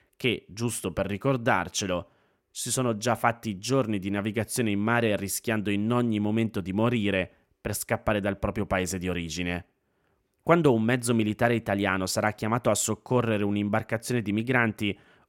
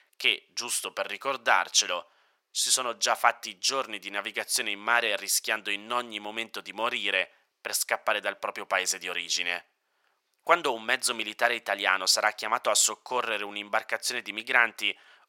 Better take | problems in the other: first | thin; very; fading below 900 Hz

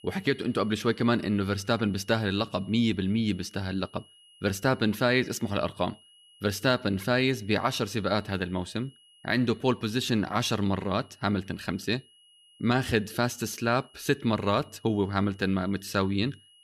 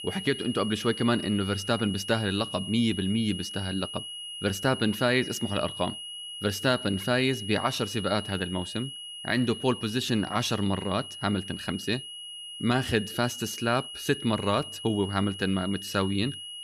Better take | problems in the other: first | high-pitched whine; loud; throughout; 3 kHz, 9 dB below the speech; faint in the first

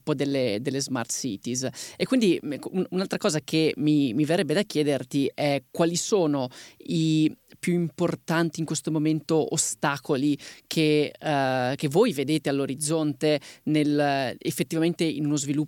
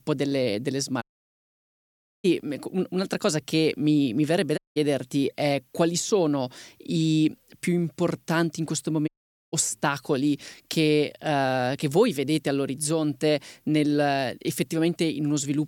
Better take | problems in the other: first | audio cutting out; at 1 s for 1 s, at 4.5 s and at 9 s

